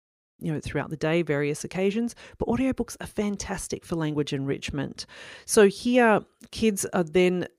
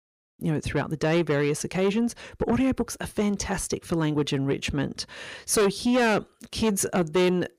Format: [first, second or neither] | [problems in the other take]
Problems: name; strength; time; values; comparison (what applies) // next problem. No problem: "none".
first | distortion; heavy; 8 dB below the speech